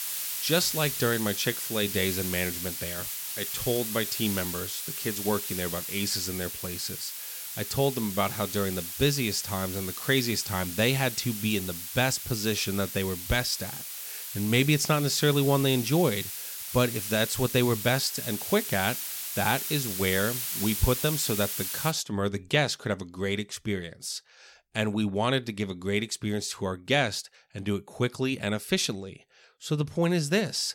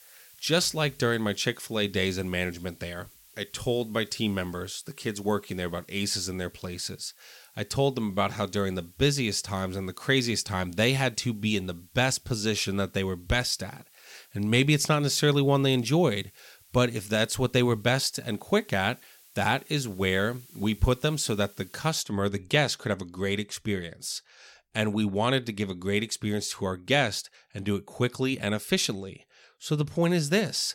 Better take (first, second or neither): second